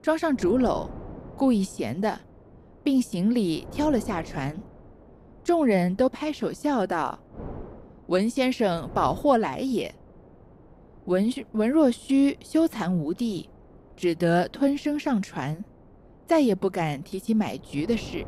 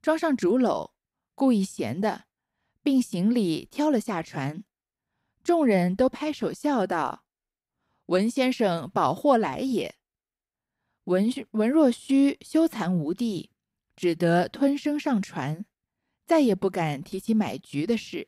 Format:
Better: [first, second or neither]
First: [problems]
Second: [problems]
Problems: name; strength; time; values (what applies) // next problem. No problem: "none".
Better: second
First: wind noise on the microphone; occasional gusts; 20 dB below the speech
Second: none